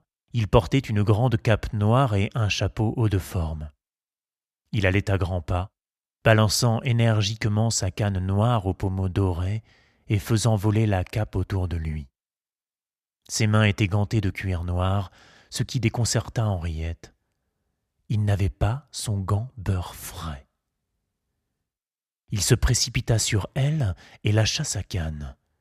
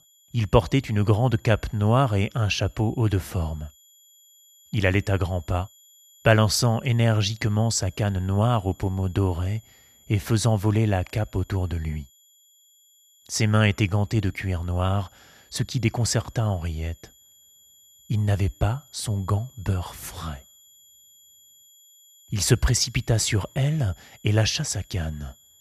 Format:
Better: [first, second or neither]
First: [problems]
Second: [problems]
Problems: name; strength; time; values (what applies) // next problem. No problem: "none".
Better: first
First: none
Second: high-pitched whine; faint; throughout; 7 kHz, 30 dB below the speech